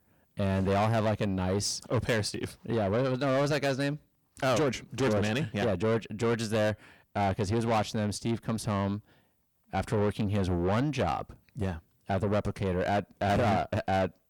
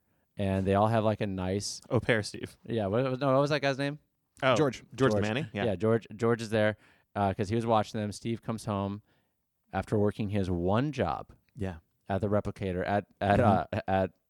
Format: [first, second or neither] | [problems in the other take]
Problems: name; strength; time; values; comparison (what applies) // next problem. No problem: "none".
second | distortion; heavy; 8 dB below the speech